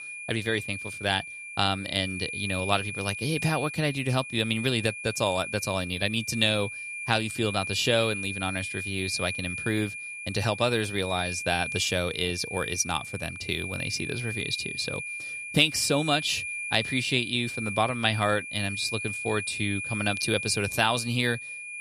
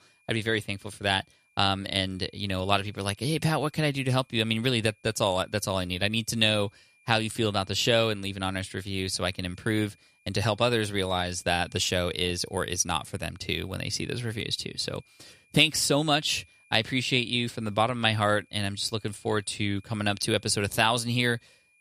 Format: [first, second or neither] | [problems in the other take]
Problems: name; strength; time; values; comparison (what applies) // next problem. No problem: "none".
second | high-pitched whine; loud; throughout; 2.5 kHz, 6 dB below the speech; faint in the second